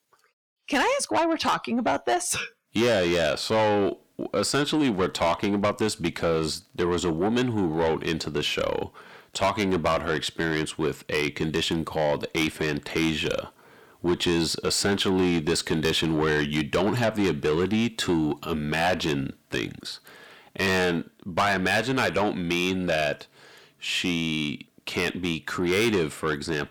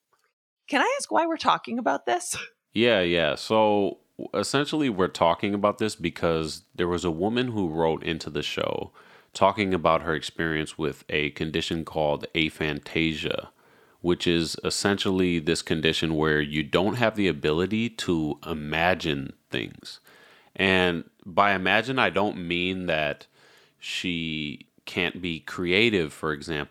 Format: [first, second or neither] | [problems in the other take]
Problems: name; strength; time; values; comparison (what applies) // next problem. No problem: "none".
second | distortion; heavy; 6 dB below the speech